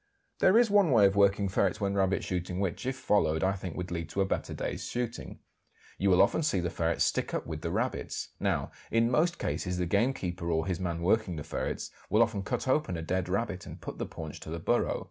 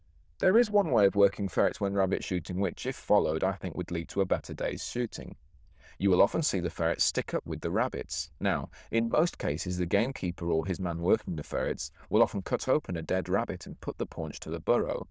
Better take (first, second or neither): first